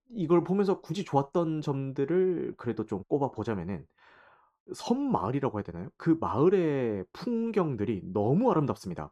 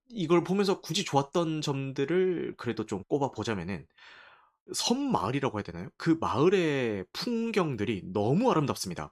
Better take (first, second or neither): second